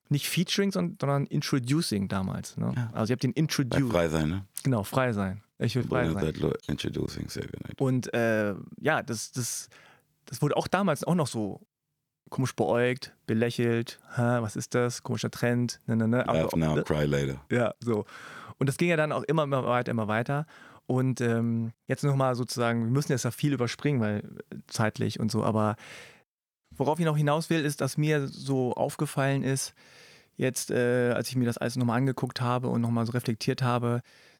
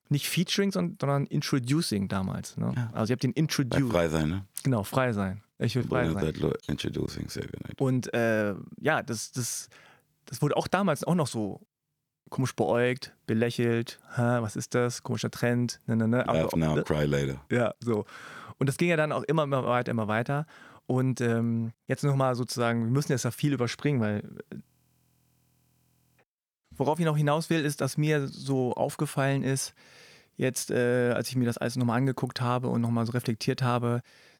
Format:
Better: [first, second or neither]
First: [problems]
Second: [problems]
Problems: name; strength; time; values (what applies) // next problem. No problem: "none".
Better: first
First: none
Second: audio freezing; at 25 s for 1.5 s